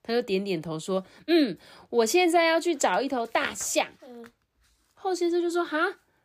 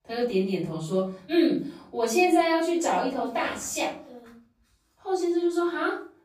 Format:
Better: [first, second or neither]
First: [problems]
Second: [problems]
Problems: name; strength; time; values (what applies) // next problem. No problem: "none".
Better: first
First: none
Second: off-mic speech; far // room echo; noticeable; dies away in 0.4 s